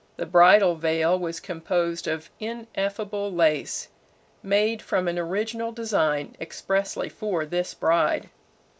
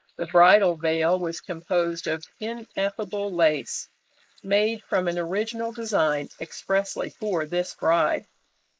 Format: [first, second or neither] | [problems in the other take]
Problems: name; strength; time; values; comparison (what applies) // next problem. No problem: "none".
first | noise reduction (neural mask model Resemble Enhance denoiser)